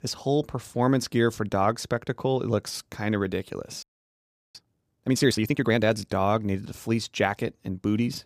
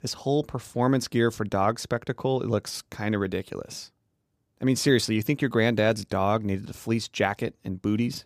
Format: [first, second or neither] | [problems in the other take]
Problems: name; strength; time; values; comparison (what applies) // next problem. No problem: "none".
second | audio freezing; at 4 s for 0.5 s